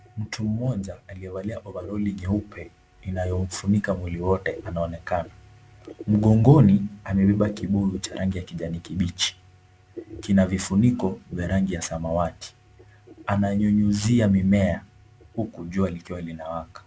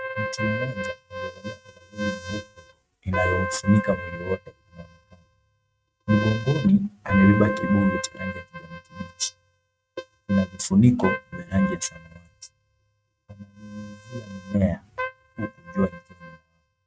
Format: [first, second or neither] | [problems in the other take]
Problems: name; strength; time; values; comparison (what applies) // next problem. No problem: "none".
first | noise reduction (neural mask model RNNoise)